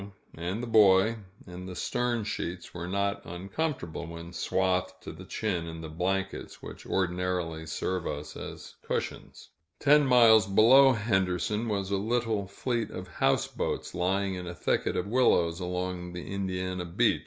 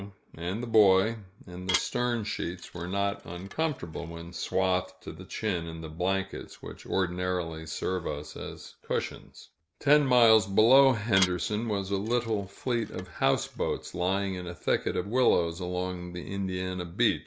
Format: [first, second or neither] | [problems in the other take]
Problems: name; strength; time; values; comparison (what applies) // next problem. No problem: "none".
first | background sound (Dishes, pots, and pans / Glass); 13 dB below the speech